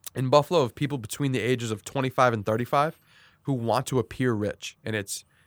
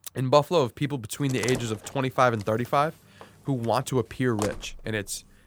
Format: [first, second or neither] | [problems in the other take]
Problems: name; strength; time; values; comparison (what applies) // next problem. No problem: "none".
first | door banging; noticeable; from 1.5 s on; peak 8 dB below the speech